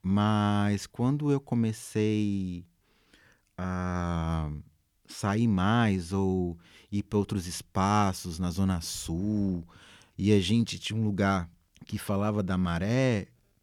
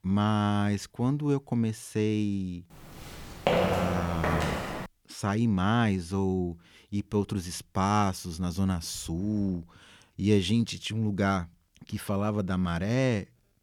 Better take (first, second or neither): first